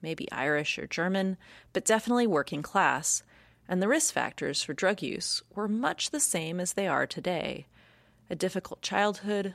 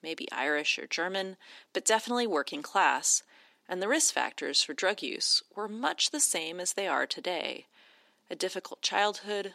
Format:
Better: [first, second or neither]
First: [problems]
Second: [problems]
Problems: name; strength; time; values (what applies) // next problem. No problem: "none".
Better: first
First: none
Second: thin; somewhat; fading below 300 Hz